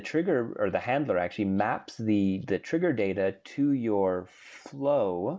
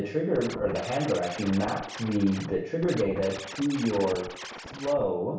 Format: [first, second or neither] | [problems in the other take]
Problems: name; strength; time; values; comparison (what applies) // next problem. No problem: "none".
first | background sound (Scratching (performance technique)); 12 dB below the speech // room echo; dies away in 0.6 s